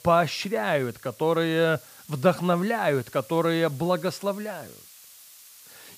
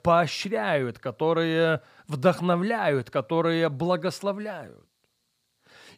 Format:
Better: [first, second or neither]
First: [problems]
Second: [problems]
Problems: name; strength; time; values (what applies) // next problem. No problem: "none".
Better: second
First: hiss; faint; throughout; 20 dB below the speech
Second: none